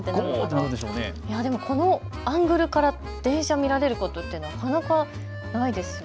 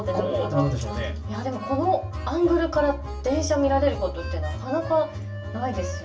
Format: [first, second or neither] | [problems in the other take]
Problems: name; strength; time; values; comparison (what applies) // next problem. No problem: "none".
first | room echo; dies away in 0.3 s